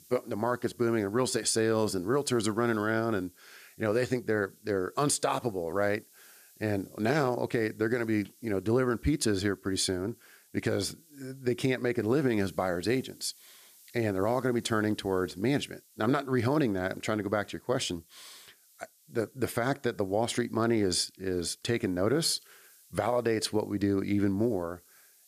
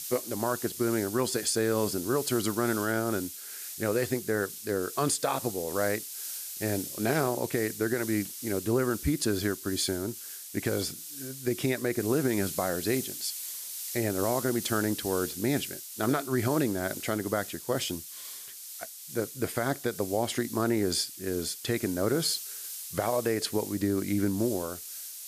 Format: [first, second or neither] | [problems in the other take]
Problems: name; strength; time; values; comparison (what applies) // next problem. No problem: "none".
first | hiss; loud; throughout; 8 dB below the speech; faint in the first